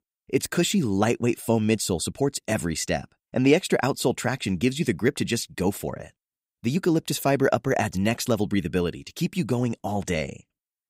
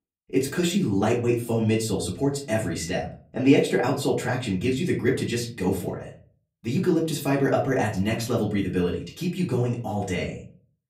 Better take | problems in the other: first | off-mic speech; far // room echo; very slight; dies away in 0.4 s

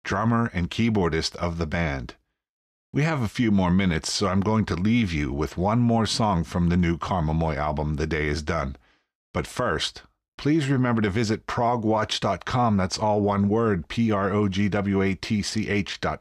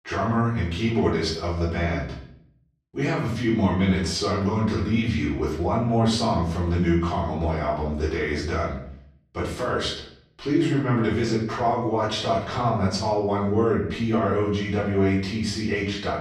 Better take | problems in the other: first | off-mic speech; far // room echo; noticeable; dies away in 0.6 s

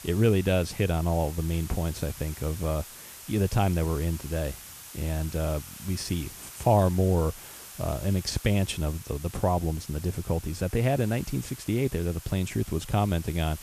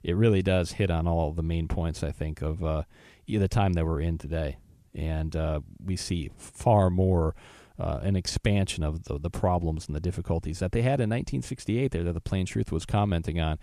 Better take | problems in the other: second | hiss; noticeable; throughout; 15 dB below the speech

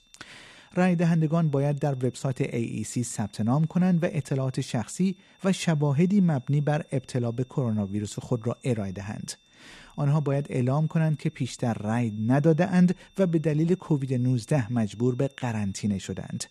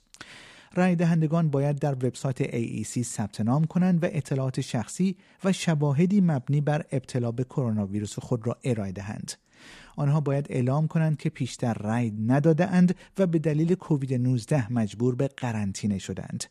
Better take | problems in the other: second | high-pitched whine; faint; throughout; 3.5 kHz, 35 dB below the speech

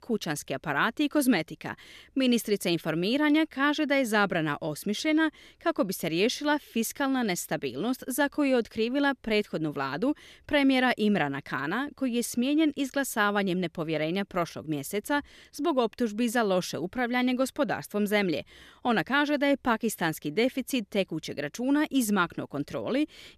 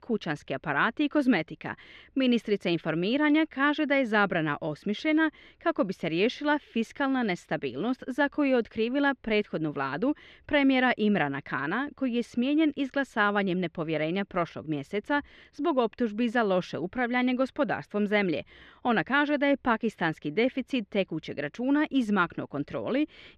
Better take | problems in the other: first | muffled; slightly; fading above 2.5 kHz

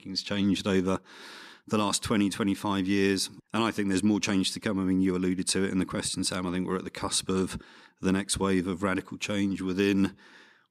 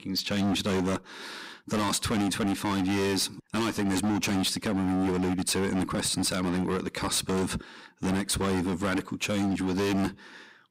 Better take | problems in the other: first | distortion; heavy; 24% of the sound clipped

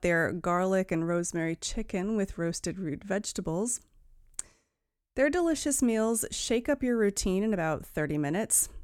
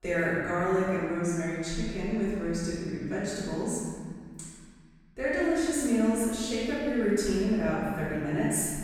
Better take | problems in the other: first | room echo; strong; dies away in 2.2 s // off-mic speech; far

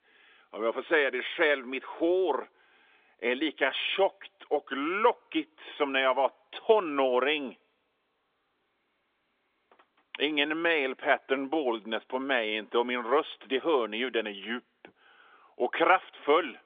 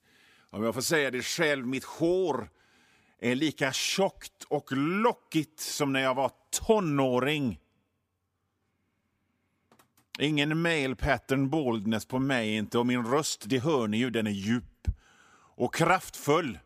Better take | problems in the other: second | phone-call audio; nothing above 3.5 kHz

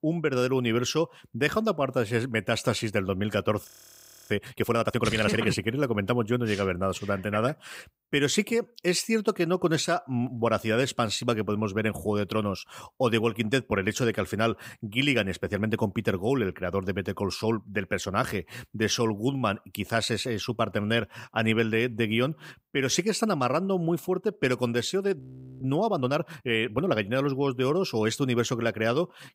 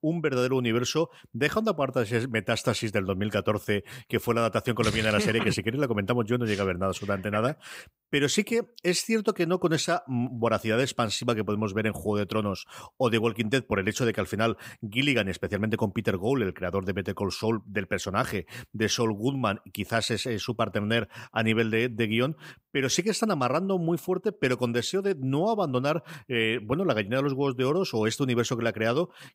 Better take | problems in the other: second | audio freezing; at 3.5 s for 0.5 s and at 25 s

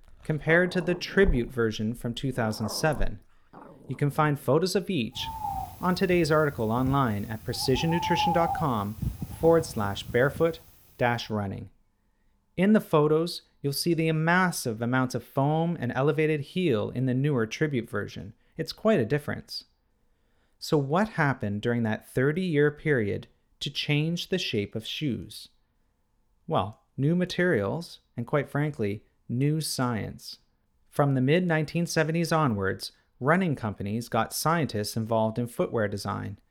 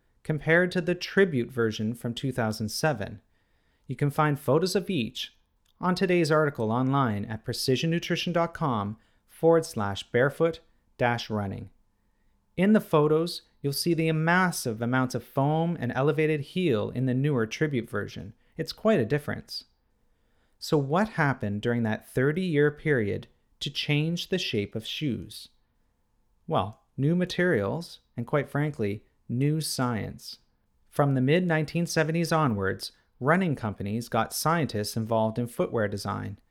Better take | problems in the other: second | animal sounds; loud; until 11 s; 9 dB below the speech

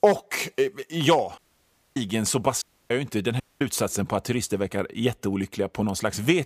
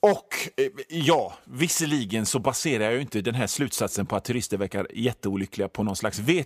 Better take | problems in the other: second | audio cutting out; at 1.5 s for 0.5 s, at 2.5 s and at 3.5 s

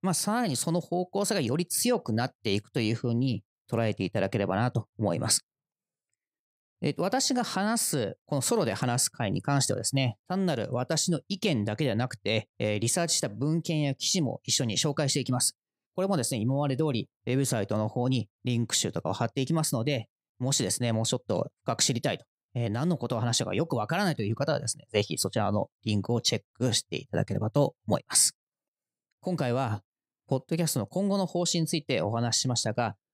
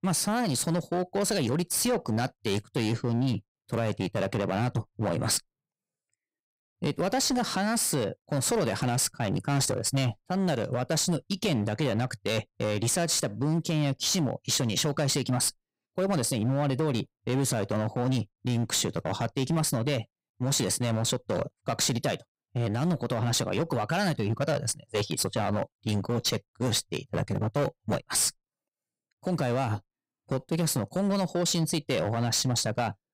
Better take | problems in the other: first | distortion; slight; 14% of the sound clipped

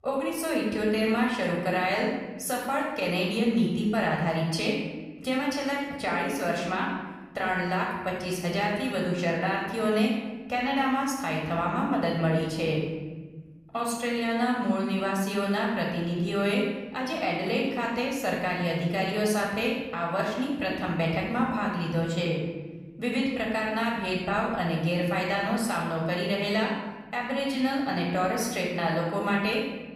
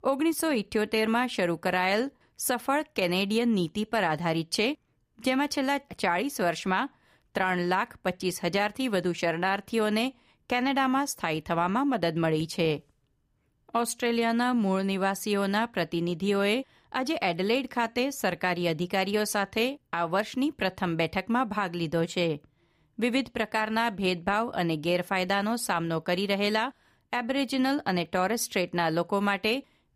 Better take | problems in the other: second | off-mic speech; far // room echo; noticeable; dies away in 1.3 s

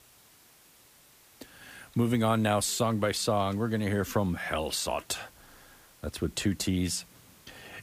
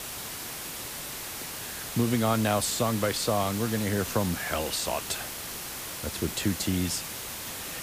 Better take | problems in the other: first | hiss; loud; throughout; 6 dB below the speech; faint in the first

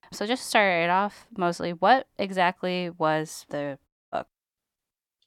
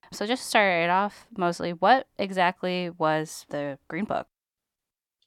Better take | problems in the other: second | audio cutting out; at 4 s

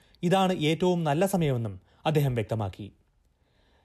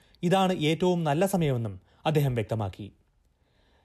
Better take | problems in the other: neither | none

